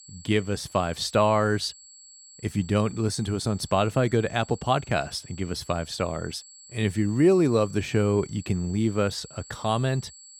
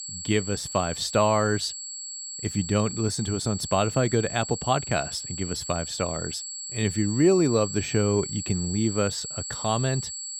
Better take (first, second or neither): first